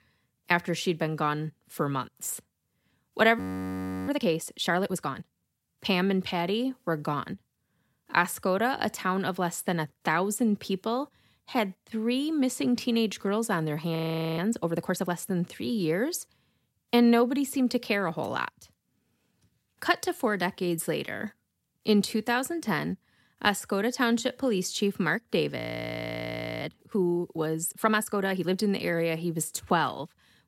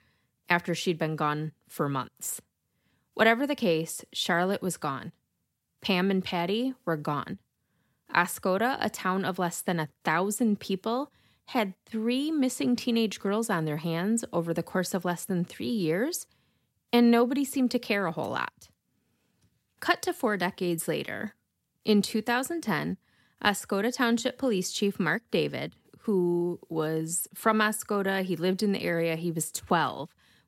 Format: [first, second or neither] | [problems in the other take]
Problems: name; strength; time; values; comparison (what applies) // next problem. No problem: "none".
second | audio freezing; at 3.5 s for 0.5 s, at 14 s and at 26 s for 1 s